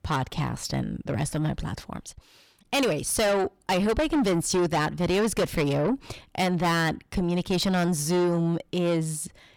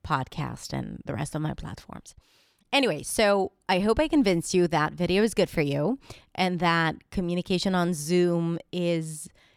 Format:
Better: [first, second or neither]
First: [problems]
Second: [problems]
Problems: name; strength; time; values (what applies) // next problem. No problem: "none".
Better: second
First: distortion; heavy; 7 dB below the speech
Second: none